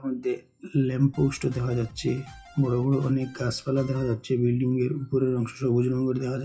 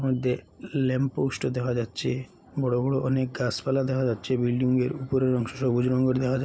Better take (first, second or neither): second